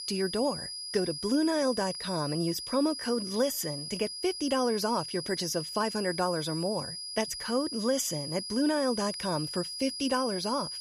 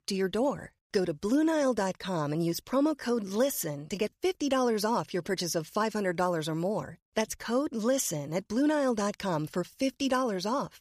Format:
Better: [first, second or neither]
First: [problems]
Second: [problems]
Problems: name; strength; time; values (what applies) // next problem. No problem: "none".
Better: second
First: high-pitched whine; loud; throughout; 5 kHz, 6 dB below the speech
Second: none